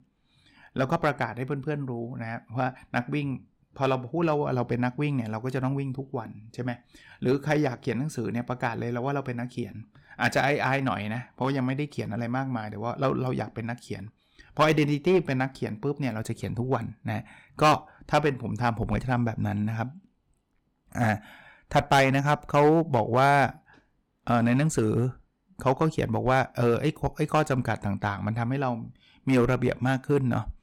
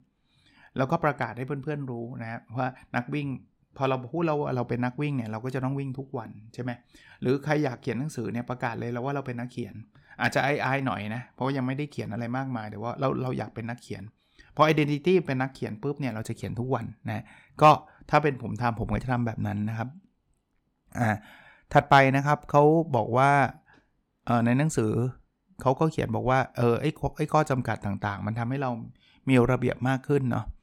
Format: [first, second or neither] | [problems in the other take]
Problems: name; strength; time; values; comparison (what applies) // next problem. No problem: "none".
second | distortion; slight; 2% of the sound clipped